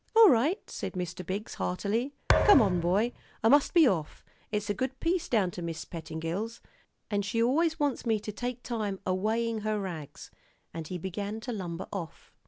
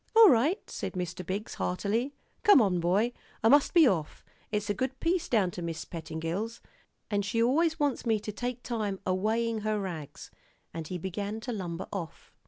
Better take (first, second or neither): second